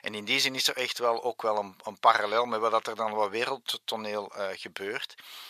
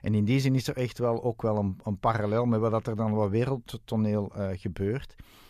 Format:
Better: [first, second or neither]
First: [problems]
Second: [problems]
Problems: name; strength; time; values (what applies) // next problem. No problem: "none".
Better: second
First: thin; very; fading below 850 Hz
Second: none